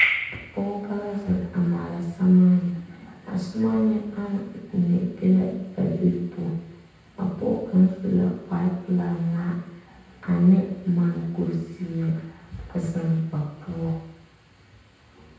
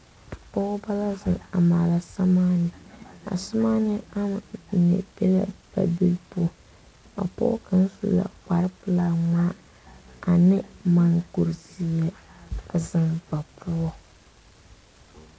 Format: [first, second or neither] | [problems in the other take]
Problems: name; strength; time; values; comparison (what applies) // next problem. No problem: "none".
second | room echo; dies away in 0.9 s